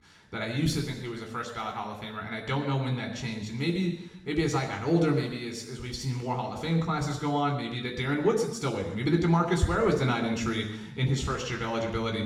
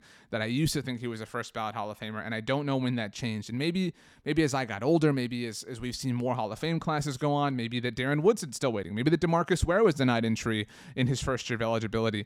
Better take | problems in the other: second | room echo; noticeable; dies away in 0.9 s // off-mic speech; somewhat distant

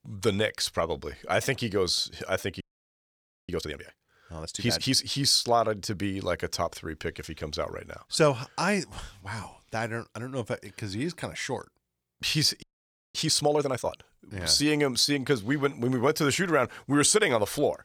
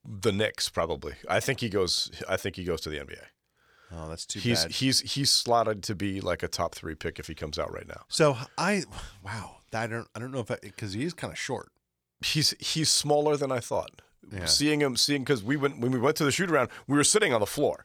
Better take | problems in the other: second | audio freezing; at 2.5 s for 1 s and at 13 s for 0.5 s

